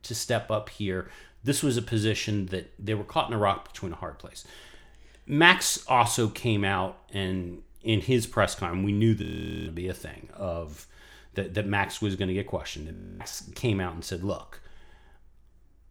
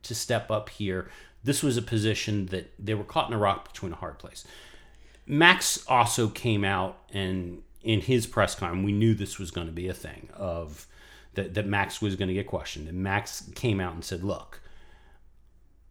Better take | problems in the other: second | audio freezing; at 9 s and at 13 s

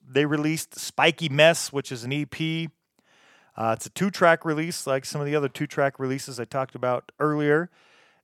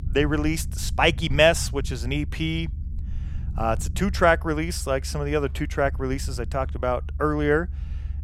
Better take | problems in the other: first | low rumble; faint; throughout; 25 dB below the speech

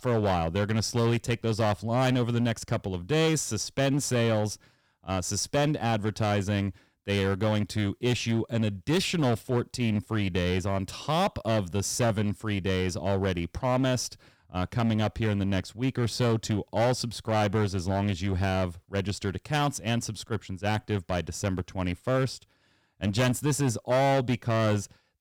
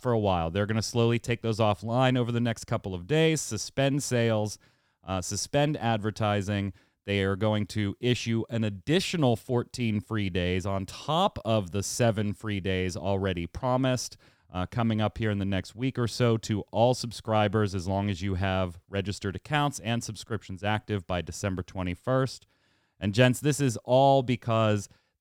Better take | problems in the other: second | distortion; slight; 9% of the sound clipped

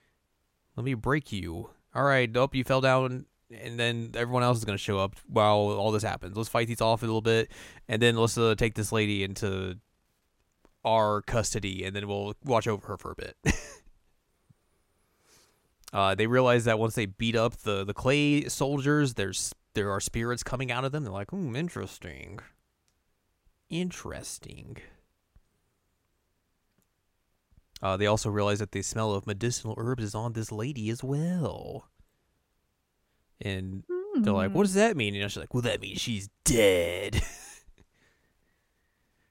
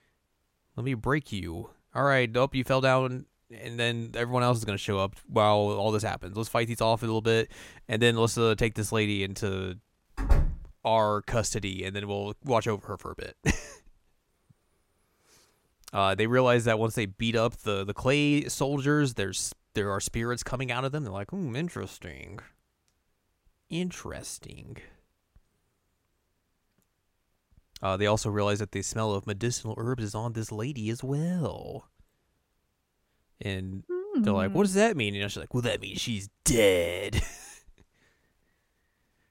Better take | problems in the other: first | door banging; loud; at 10 s; peak level with the speech

